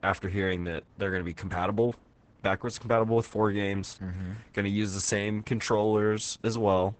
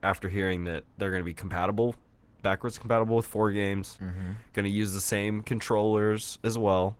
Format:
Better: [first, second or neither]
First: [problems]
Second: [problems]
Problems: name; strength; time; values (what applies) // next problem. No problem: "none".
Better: second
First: garbled, watery; badly; nothing above 8 kHz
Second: garbled, watery; slightly; nothing above 16.5 kHz